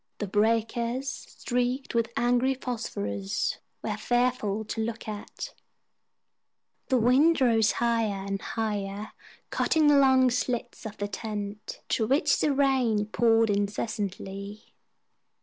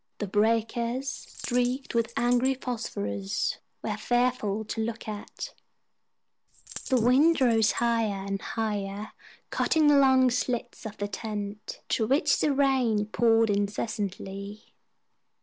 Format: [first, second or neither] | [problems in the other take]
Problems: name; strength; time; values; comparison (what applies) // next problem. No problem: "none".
first | background sound (Coin (dropping)); 17 dB below the speech